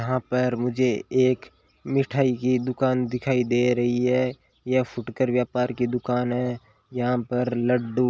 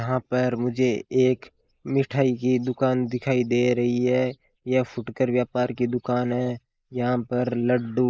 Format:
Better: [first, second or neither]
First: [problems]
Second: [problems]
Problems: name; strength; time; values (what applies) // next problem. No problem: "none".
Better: first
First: none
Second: noise reduction (neural mask model Resemble Enhance denoiser)